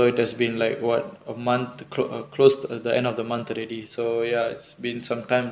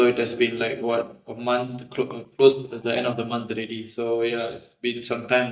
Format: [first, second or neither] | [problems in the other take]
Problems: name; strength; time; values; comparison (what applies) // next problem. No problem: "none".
first | noise reduction (neural mask model DeepFilterNet 3)